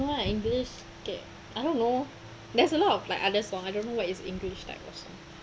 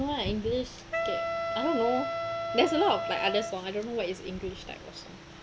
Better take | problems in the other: first | background sound (Wind instrument, woodwind instrument); 2 dB below the speech

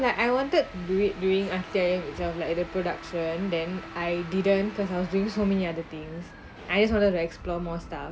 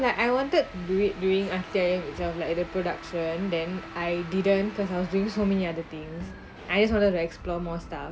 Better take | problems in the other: first | background sound (Bowed string instrument); 20 dB below the speech

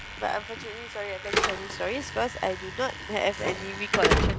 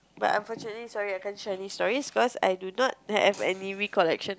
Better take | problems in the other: second | background sound (Slam / Alarm); 2 dB above the speech

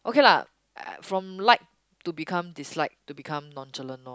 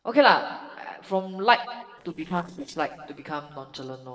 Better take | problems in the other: first | noise reduction (neural separator model SepFormer DNS4)

